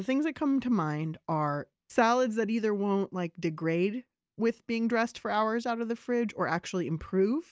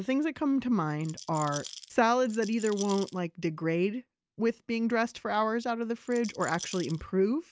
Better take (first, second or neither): first